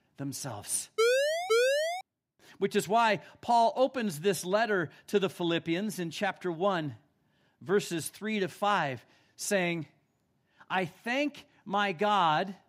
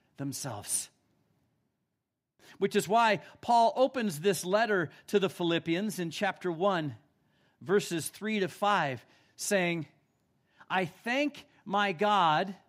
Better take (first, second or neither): second